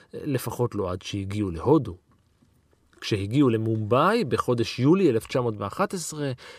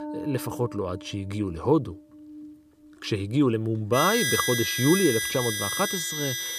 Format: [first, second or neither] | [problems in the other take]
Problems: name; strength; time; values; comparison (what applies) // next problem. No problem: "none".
first | background music; loud; throughout; 1 dB below the speech